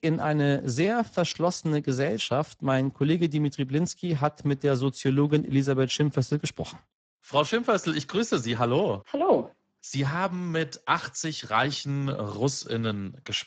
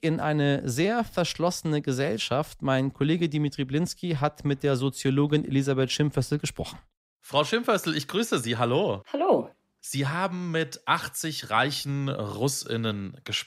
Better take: second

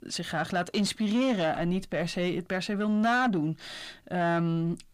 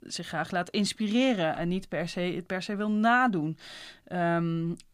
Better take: second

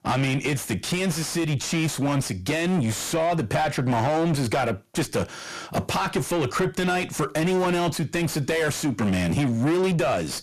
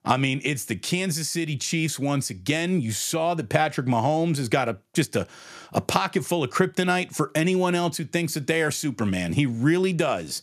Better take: second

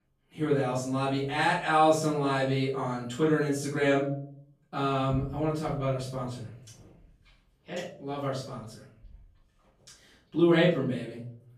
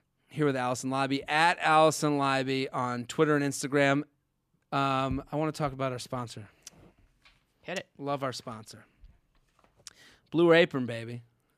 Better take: second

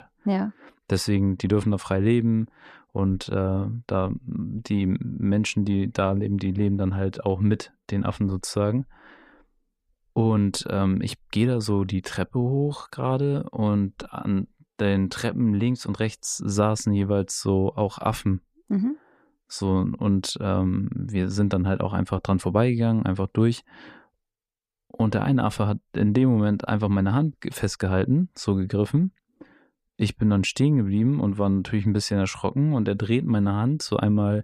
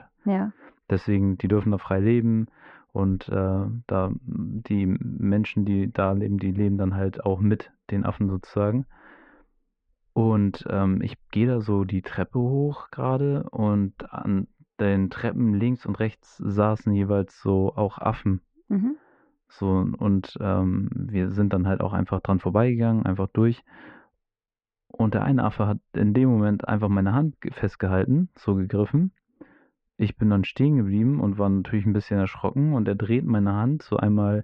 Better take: first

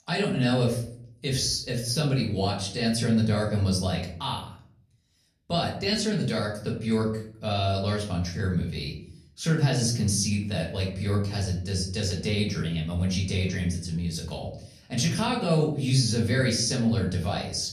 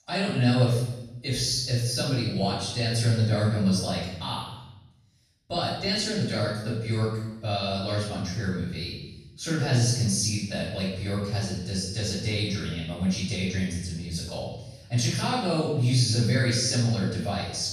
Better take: first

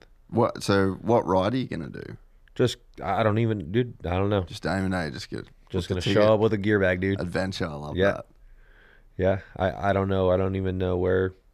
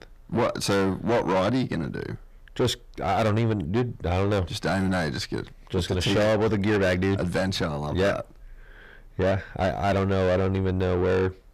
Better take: first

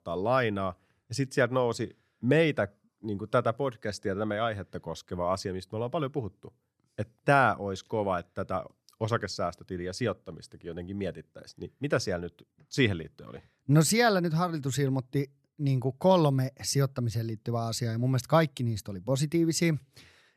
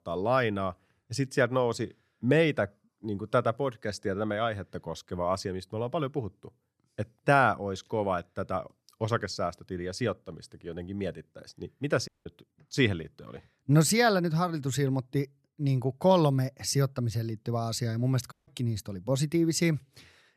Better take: first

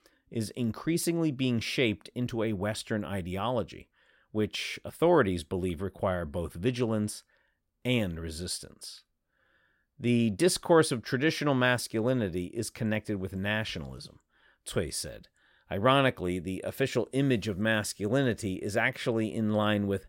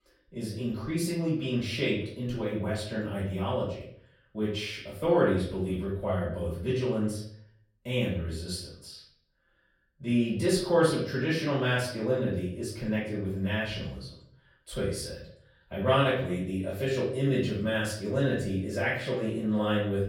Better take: first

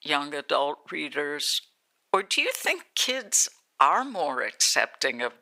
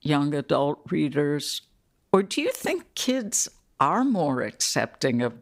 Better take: second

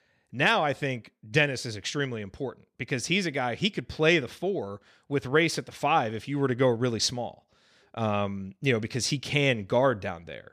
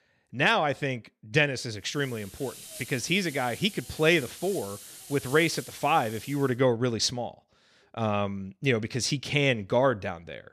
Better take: first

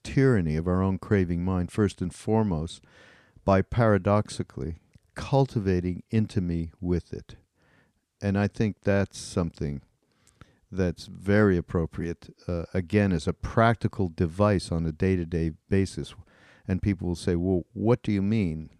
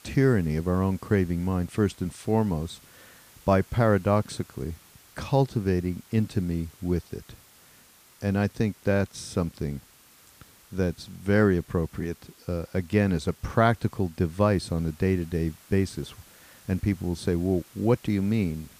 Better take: first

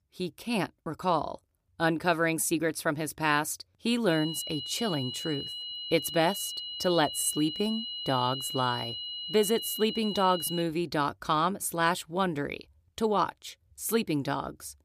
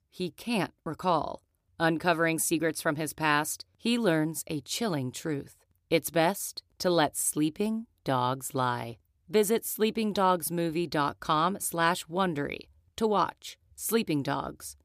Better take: second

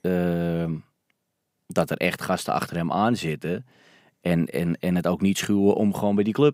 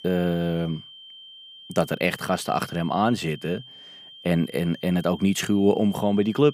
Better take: first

